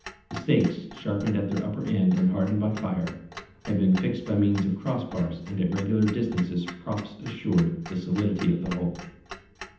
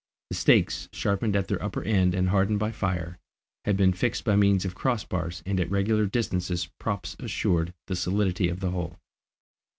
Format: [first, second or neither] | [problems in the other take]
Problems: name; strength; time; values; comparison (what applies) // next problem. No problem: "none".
second | background sound (Clock); 18 dB below the speech // room echo; dies away in 0.8 s